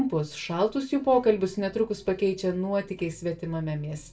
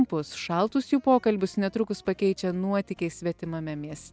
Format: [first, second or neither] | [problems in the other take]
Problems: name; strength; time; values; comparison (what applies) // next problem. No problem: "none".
second | room echo; dies away in 0.2 s